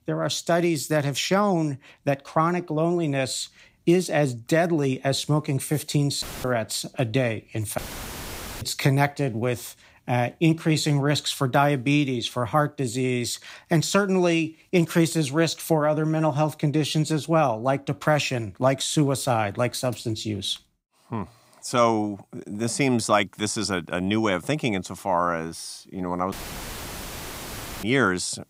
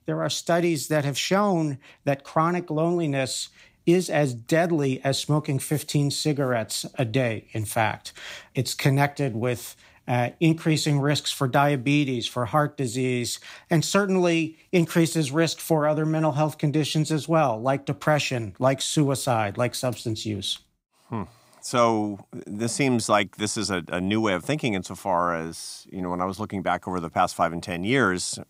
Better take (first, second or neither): second